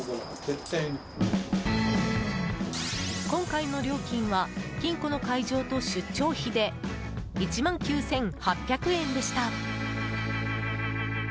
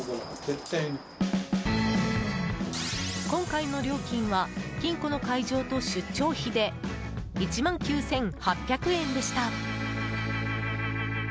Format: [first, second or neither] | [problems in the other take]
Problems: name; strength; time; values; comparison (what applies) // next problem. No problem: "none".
second | background sound (Thunder); 17 dB below the speech